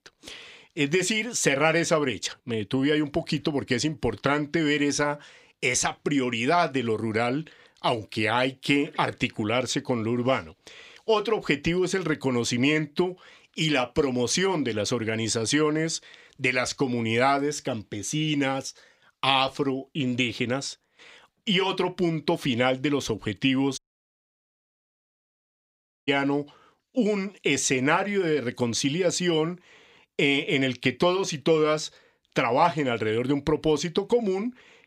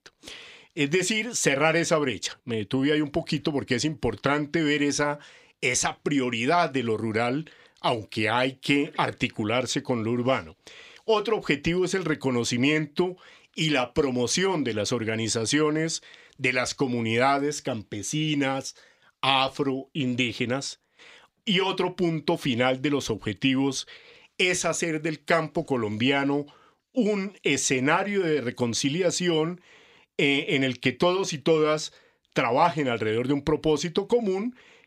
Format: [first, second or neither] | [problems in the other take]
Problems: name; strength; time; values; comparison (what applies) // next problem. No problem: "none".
second | audio cutting out; at 24 s for 2.5 s